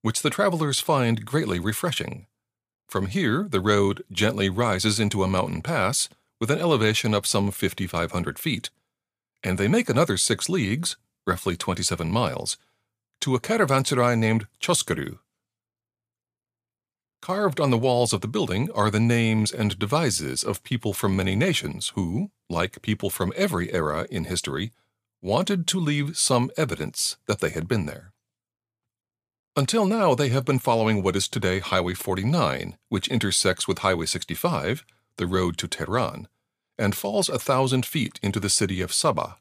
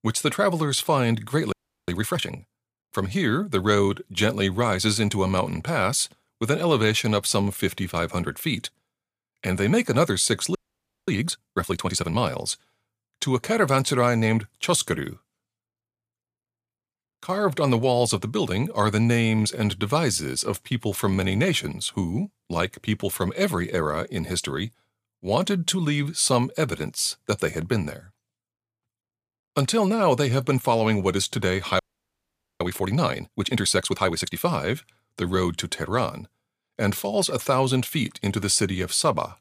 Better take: first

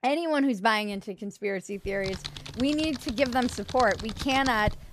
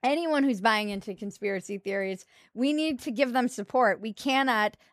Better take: second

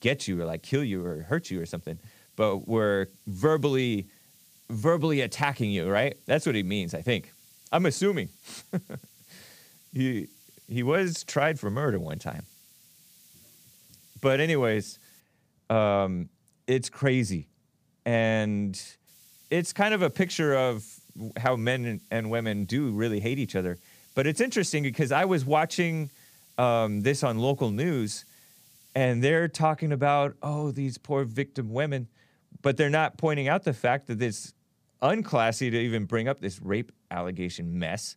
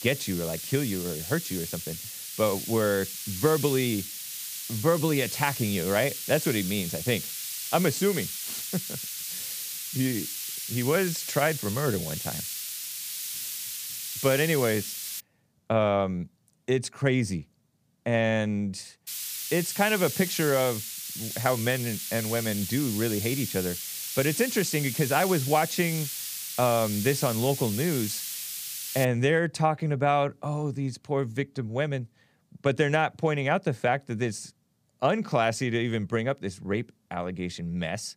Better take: first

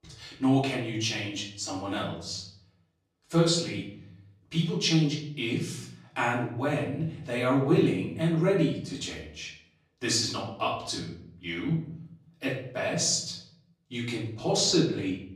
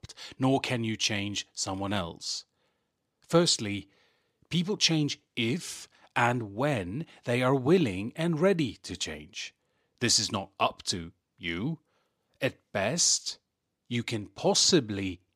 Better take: second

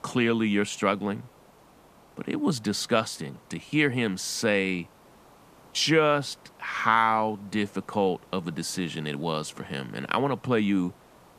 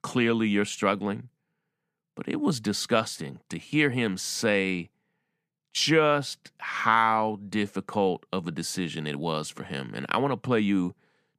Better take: second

